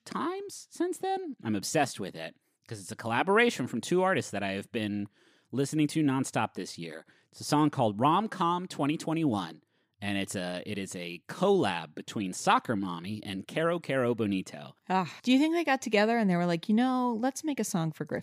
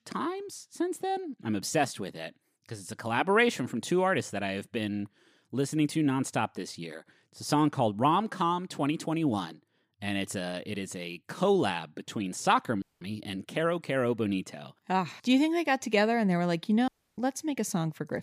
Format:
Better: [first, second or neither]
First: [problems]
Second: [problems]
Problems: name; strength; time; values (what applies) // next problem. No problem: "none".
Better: first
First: none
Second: audio cutting out; at 13 s and at 17 s